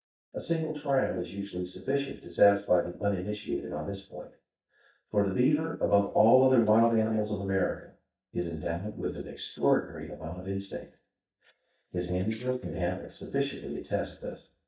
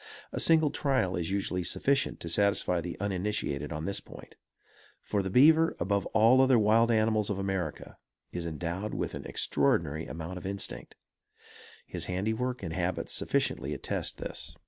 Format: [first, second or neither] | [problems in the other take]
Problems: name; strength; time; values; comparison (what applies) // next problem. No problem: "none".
second | noise reduction (neural mask model DeepFilterNet 3)